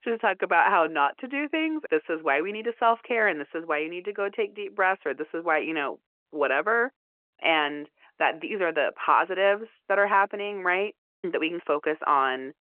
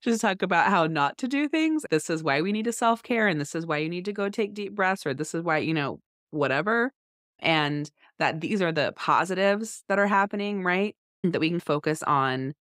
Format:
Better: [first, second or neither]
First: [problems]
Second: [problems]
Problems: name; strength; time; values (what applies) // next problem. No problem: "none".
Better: second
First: phone-call audio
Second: none